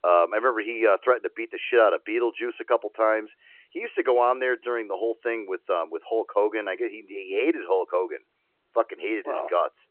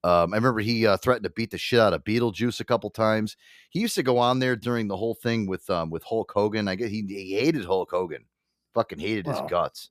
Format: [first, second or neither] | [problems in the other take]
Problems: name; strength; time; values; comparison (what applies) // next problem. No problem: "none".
second | phone-call audio